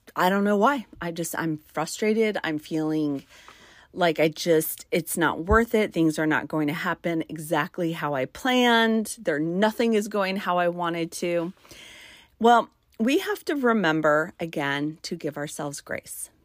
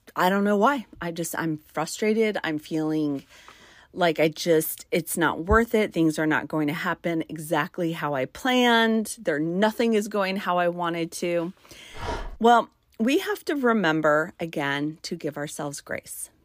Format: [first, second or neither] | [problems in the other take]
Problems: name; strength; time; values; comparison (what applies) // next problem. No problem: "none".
first | dog barking; noticeable; at 12 s; peak 9 dB below the speech